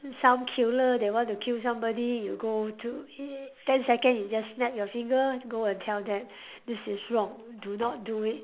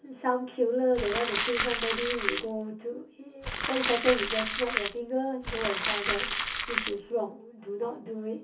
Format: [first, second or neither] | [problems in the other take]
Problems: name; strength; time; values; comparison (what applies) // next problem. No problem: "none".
first | background sound (Crumpling, crinkling); 1 dB below the speech // room echo; dies away in 0.3 s